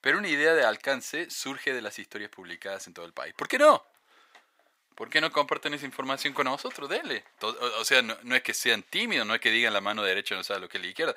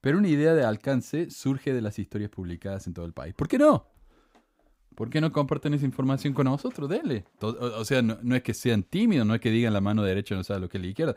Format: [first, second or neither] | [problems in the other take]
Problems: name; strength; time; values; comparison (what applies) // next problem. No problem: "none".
second | thin; very; fading below 750 Hz